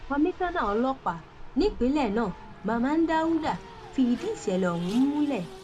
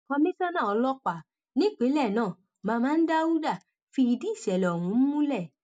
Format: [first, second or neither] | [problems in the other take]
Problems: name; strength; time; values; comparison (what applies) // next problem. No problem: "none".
second | background sound (Race car, auto racing); 14 dB below the speech